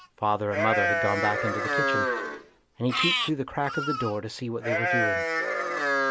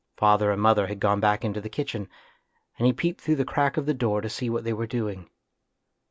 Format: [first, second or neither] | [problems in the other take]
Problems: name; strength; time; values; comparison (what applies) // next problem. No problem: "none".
second | background sound (Livestock, farm animals, working animals); 3 dB above the speech